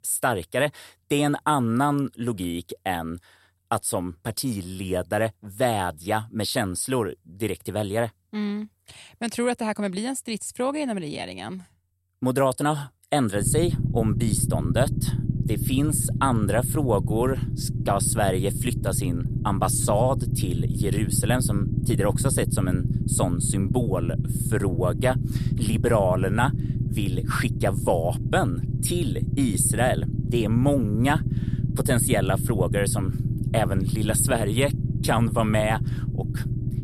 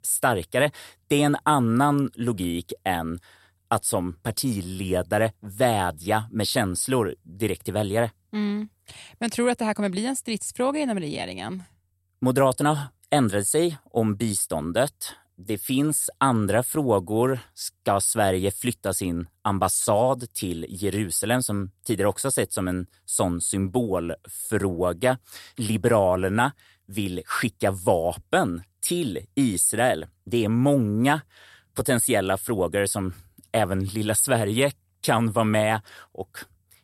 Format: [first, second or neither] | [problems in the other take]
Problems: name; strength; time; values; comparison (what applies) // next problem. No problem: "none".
second | low rumble; noticeable; from 13 s on; 10 dB below the speech